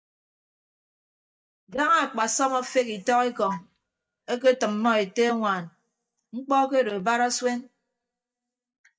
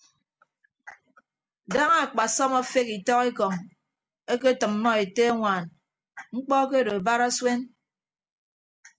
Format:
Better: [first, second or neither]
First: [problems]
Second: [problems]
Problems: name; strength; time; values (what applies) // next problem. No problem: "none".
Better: second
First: noise reduction (neural mask model DeepFilterNet 3)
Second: none